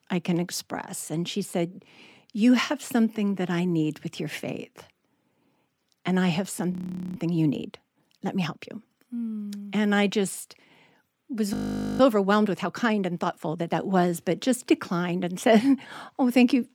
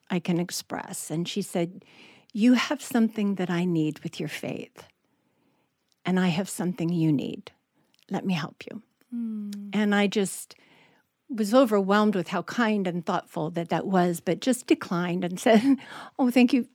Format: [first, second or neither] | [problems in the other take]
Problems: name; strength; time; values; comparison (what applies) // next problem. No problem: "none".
second | audio freezing; at 6.5 s and at 12 s